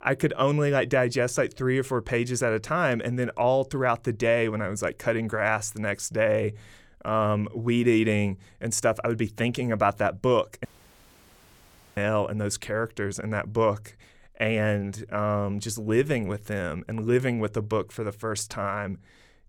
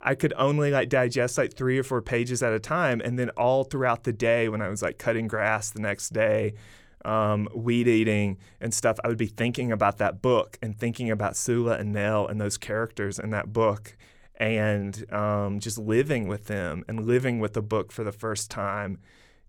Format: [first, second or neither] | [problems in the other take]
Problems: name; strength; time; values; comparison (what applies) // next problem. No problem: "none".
second | audio cutting out; at 11 s for 1.5 s